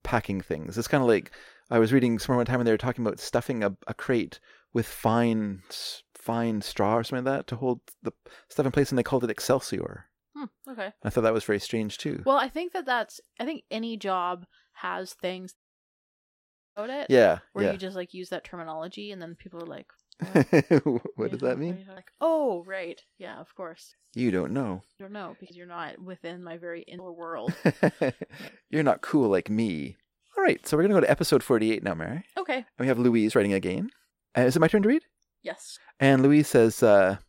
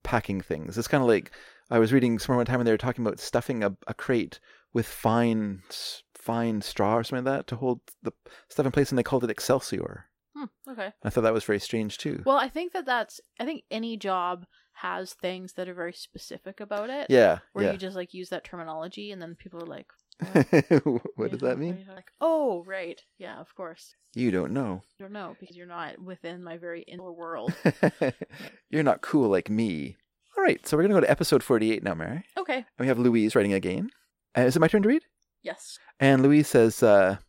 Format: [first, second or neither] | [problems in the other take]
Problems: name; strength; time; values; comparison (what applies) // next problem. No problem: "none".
second | audio cutting out; at 16 s for 1 s